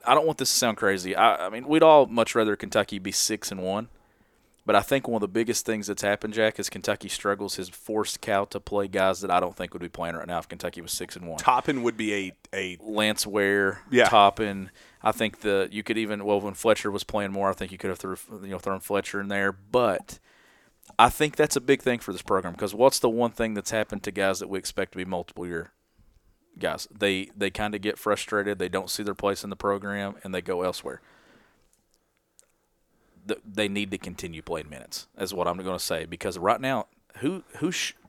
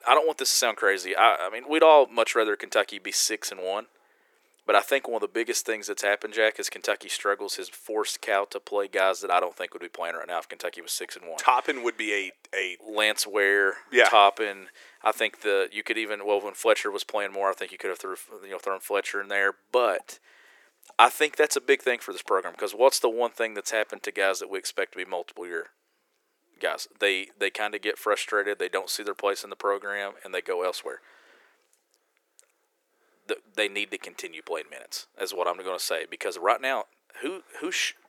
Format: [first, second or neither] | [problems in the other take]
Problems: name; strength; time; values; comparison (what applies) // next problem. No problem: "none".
first | thin; somewhat; fading below 400 Hz